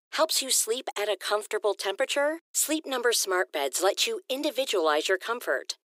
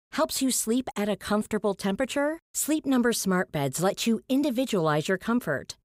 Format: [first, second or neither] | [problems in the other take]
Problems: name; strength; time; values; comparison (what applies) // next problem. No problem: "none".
second | thin; very; fading below 350 Hz